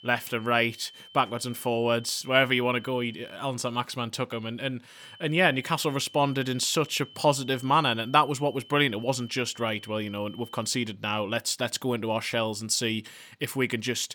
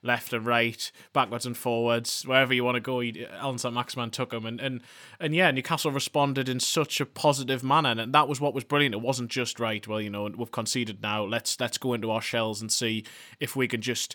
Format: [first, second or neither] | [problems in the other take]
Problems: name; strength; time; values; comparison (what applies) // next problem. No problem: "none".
second | high-pitched whine; faint; until 3.5 s and from 5 to 11 s; 3 kHz, 20 dB below the speech